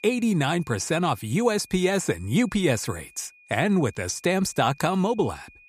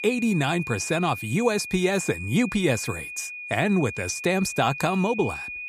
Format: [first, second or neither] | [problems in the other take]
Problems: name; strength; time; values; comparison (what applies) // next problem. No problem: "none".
first | high-pitched whine; loud; throughout; 2.5 kHz, 9 dB below the speech; faint in the first